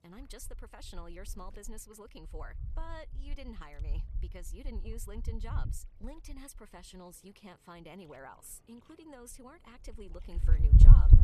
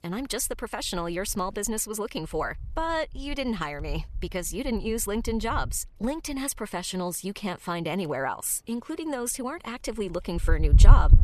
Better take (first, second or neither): second